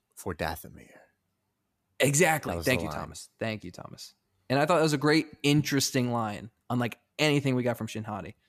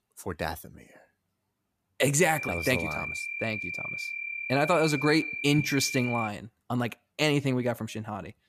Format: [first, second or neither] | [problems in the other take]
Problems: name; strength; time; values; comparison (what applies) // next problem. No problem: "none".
first | high-pitched whine; loud; from 2.5 to 6.5 s; 2.5 kHz, 5 dB below the speech